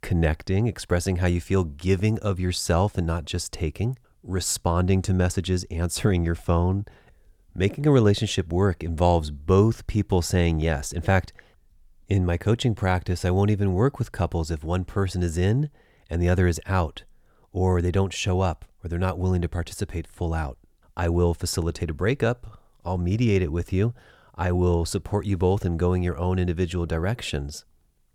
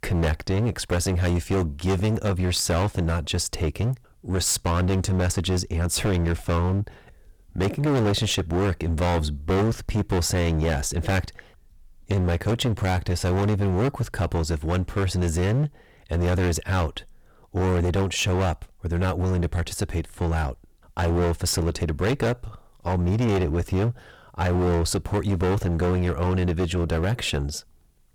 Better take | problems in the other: first | distortion; heavy; 21% of the sound clipped

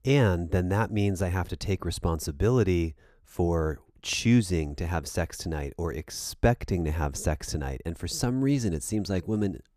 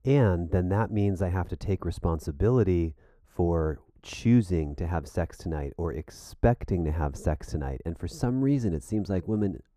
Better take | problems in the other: first | muffled; slightly; fading above 2 kHz

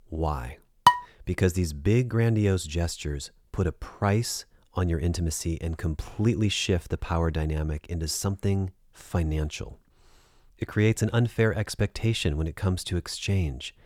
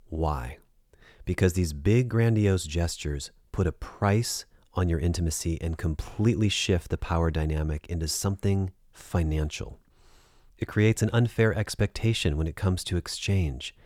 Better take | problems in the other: second | clattering dishes; loud; at 1 s; peak 6 dB above the speech

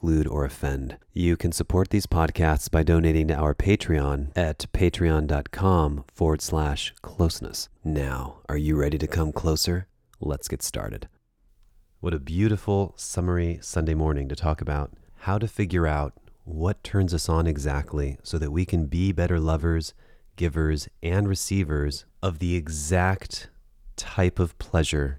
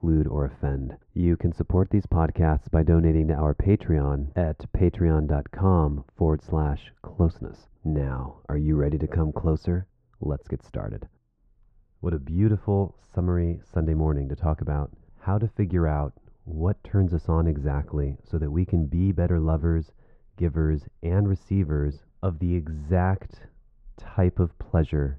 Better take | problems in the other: first | muffled; very; fading above 1 kHz

